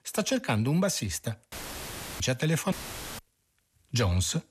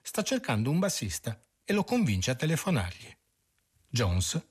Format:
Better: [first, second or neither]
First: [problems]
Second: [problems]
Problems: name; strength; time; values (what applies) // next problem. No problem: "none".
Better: second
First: audio cutting out; filled with static; at 1.5 s for 0.5 s and at 2.5 s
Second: none